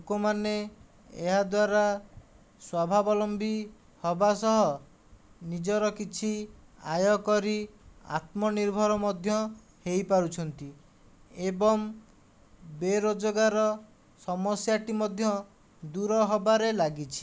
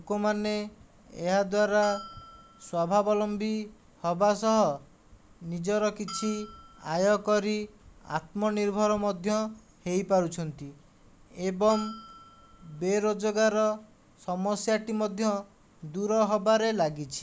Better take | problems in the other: first | background sound (Bell); 18 dB below the speech

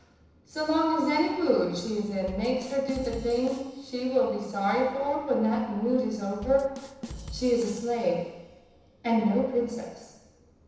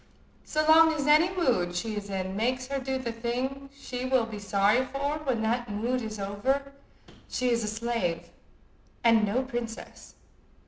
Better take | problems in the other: second | background sound (Bass drum / Drum kit); 17 dB below the speech // room echo; dies away in 1 s

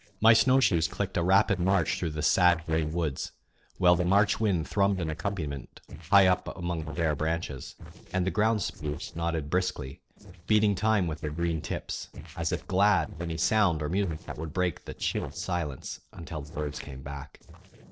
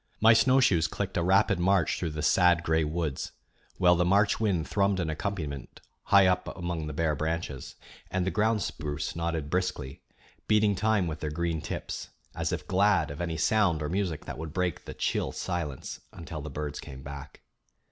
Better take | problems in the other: second | noise reduction (neural separator model SepFormer DNS4)

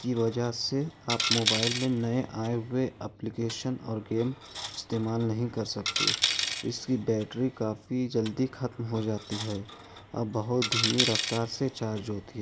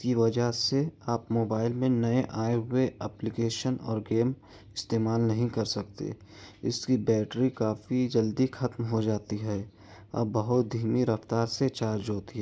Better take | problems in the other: second | background sound (Coin (dropping)); 4 dB below the speech

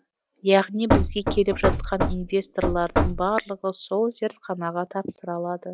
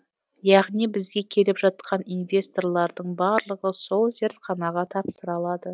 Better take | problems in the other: second | background sound (Knock / Wood); 1 dB above the speech

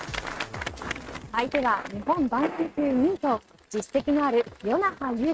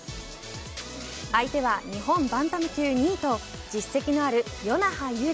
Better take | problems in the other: second | noise reduction (neural mask model RNNoise)

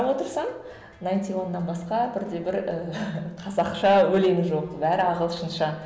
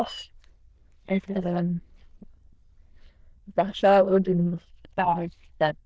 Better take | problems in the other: first | noise reduction (neural diffusion model UNIVERSE++)

